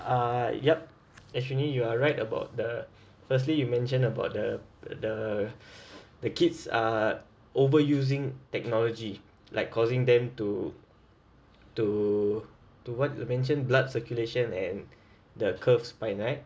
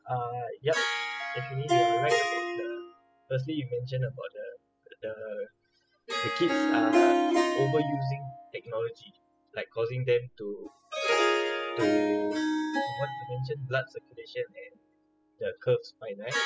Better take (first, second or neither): first